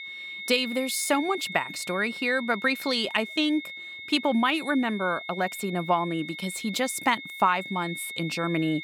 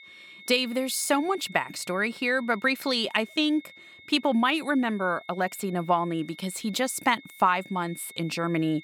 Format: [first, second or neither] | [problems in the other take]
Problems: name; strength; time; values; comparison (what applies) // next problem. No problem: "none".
second | high-pitched whine; loud; throughout; 2 kHz, 10 dB below the speech; faint in the second